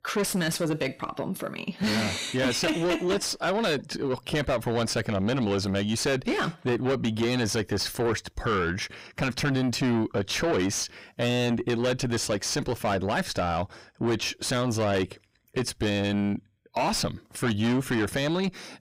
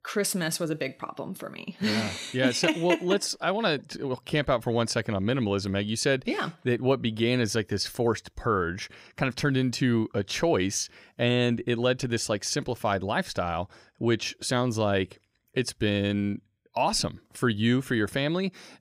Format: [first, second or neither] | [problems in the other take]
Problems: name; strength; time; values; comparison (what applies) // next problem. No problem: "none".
second | distortion; heavy; 6 dB below the speech